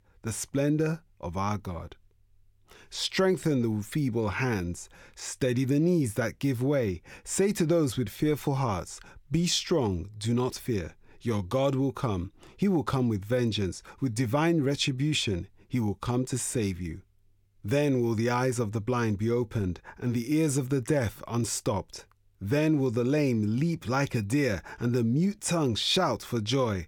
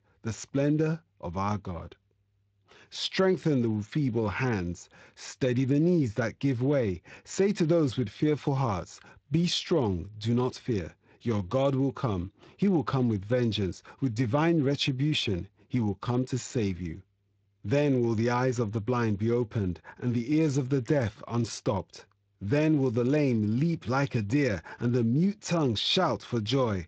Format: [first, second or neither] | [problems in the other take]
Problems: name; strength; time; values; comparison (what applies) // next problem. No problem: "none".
first | garbled, watery; slightly; nothing above 7.5 kHz